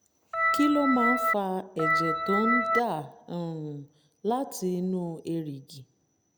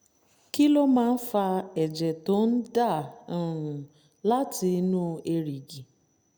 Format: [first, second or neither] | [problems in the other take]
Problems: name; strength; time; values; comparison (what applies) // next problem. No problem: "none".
second | background sound (Organ); 4 dB above the speech